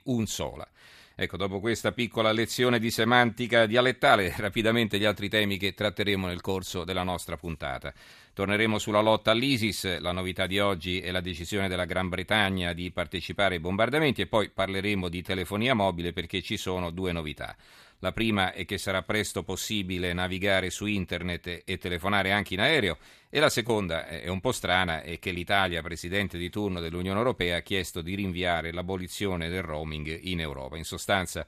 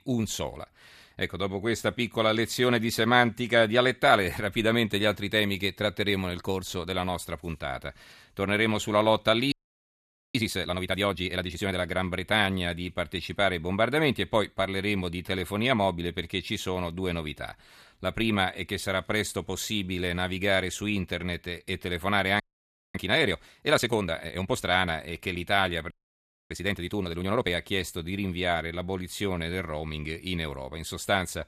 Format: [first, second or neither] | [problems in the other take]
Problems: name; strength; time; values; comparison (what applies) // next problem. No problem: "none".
first | audio freezing; at 9.5 s for 1 s, at 22 s for 0.5 s and at 26 s for 0.5 s